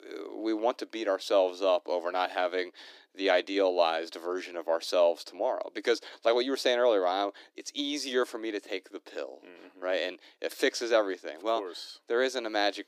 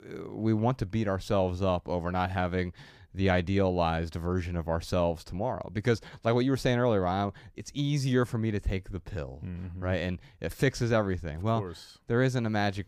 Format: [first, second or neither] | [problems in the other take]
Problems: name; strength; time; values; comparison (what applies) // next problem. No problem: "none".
second | thin; very; fading below 300 Hz